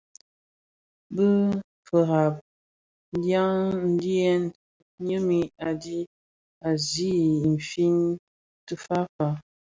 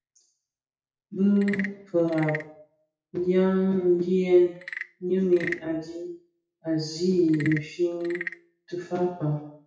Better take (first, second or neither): first